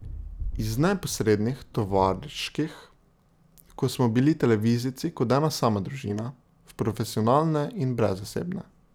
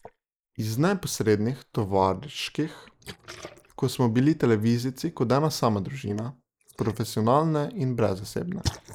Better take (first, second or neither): first